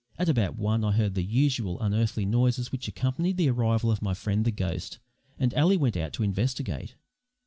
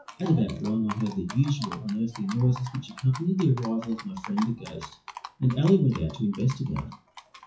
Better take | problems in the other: first | noise reduction (classical method WPE with log-MMSE)

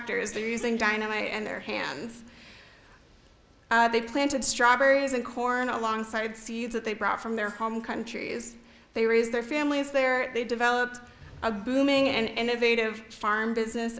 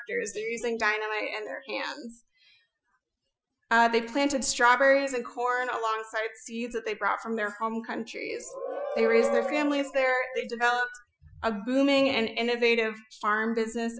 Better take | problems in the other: first | noise reduction (classical method Wiener filter)

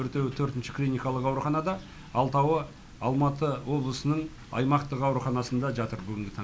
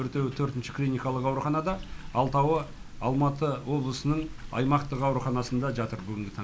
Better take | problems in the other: first | background sound (Water / Splash, splatter); 13 dB below the speech

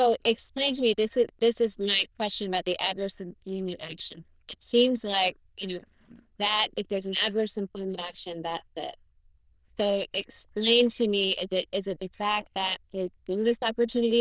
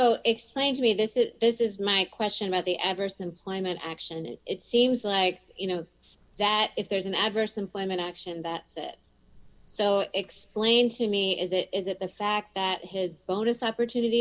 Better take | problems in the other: second | noise reduction (neural diffusion model UNIVERSE++)

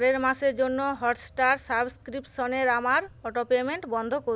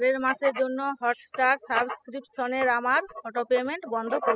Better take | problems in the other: first | noise reduction (classical method spectral subtraction)

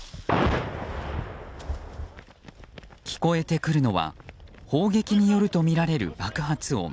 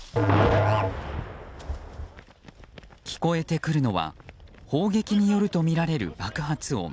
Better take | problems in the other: first | background sound (Musical instrument); as loud as the speech

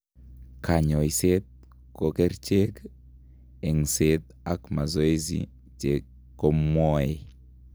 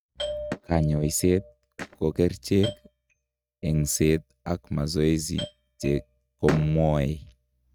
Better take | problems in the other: first | noise reduction (neural mask model RNNoise)

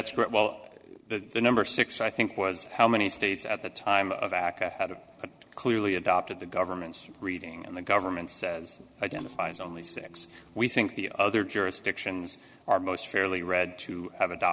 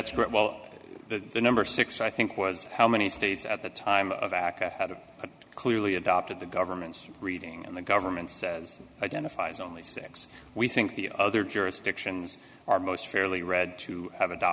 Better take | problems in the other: second | noise reduction (neural separator model SepFormer DNS4)

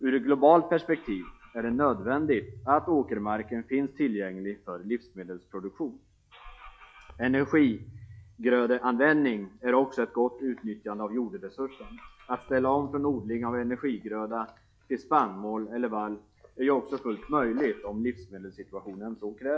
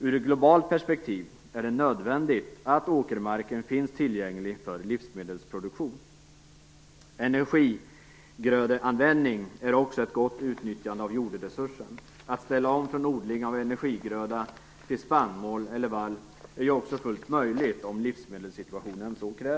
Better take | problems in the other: second | noise reduction (classical method log-MMSE)

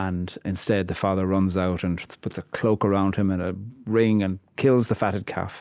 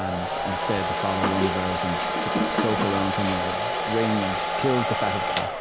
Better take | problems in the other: first | background sound (Domestic sounds, home sounds + Squeak); 2 dB above the speech

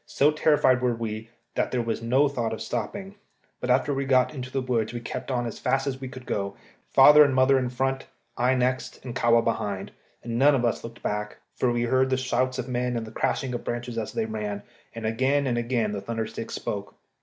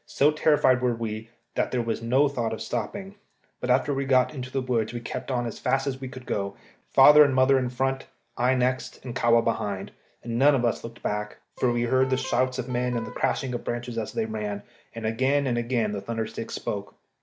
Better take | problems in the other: first | background sound (Electric guitar); 15 dB below the speech

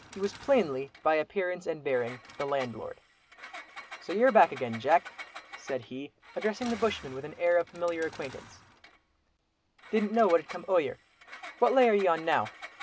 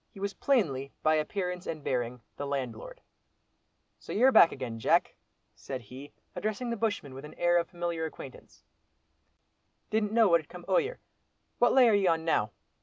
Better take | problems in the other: second | background sound (Engine); 18 dB below the speech

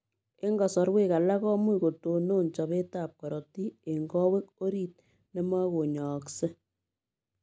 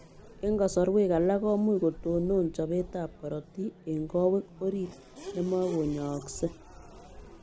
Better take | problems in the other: first | background sound (Race car, auto racing / Accelerating, revving, vroom); 16 dB below the speech

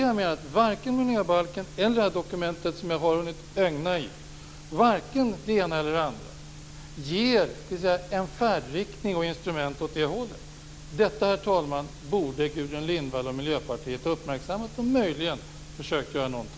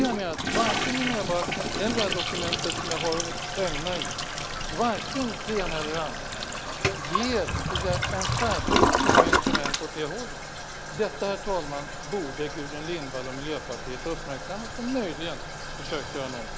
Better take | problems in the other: first | background sound (Toilet flush); 3 dB above the speech

